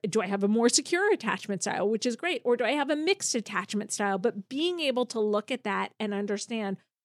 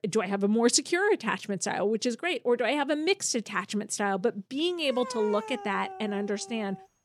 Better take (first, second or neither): first